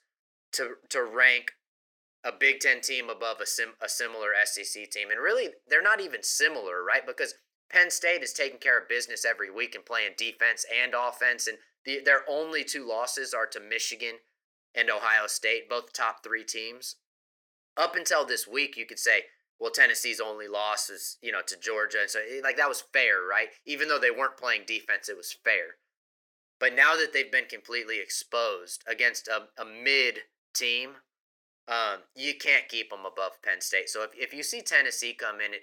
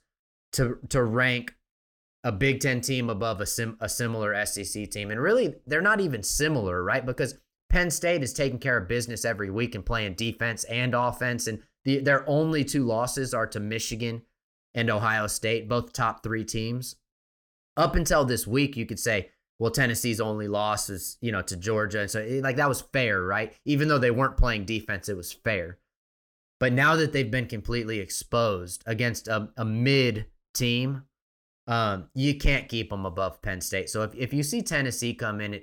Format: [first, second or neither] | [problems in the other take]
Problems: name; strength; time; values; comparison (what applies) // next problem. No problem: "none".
second | thin; very; fading below 400 Hz